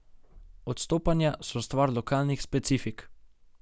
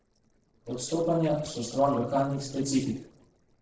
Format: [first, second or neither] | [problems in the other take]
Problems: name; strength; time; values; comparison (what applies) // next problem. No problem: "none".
first | noise reduction (neural separator model SepFormer DNS4)